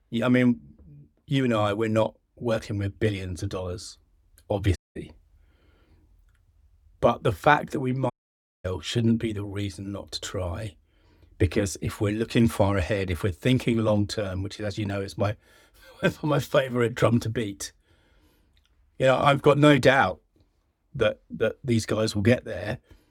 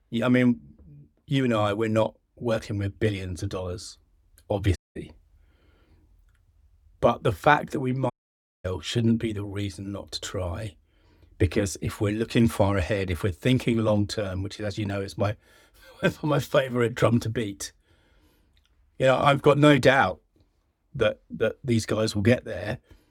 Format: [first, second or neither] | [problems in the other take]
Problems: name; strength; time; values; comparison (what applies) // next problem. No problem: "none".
neither | audio cutting out; at 5 s and at 8 s for 0.5 s; the same in both